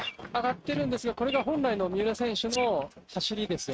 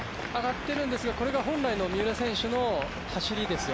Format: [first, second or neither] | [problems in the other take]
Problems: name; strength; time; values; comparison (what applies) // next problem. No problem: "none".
second | noise reduction (neural mask model RNNoise)